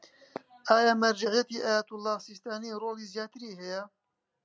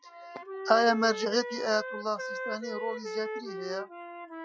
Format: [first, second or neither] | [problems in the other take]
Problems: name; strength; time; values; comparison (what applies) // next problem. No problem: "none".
first | noise reduction (classical method Wiener filter)